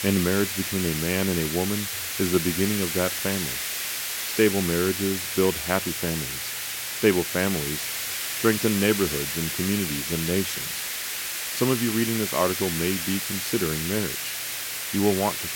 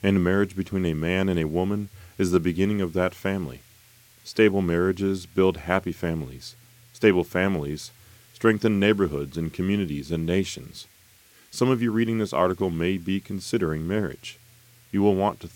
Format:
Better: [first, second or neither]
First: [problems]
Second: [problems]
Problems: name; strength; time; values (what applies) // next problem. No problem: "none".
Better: second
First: hiss; loud; throughout; 2 dB below the speech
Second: hiss; faint; throughout; 30 dB below the speech